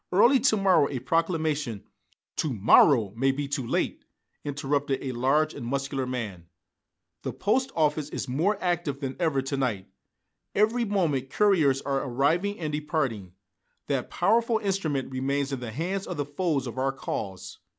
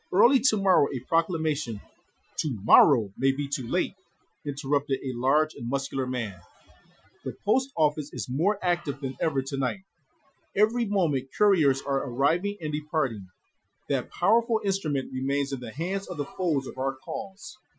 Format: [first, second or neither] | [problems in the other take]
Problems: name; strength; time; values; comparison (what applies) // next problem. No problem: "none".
first | noise reduction (classical method Wiener filter)